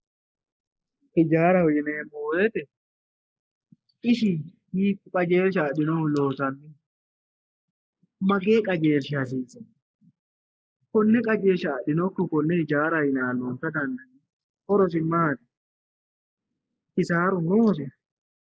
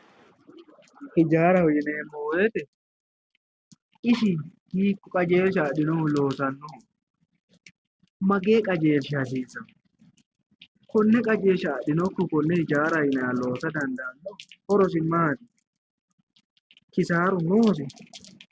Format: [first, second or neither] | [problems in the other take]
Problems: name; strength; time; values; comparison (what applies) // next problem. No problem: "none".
second | noise reduction (neural mask model Resemble Enhance denoiser)